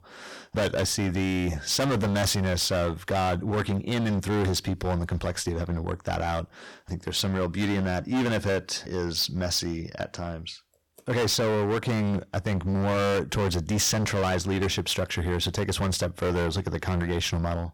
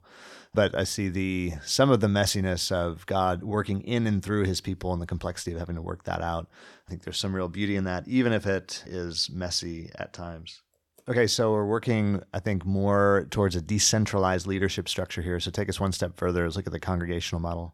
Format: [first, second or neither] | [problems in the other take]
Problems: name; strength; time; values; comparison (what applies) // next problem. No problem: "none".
second | distortion; heavy; 21% of the sound clipped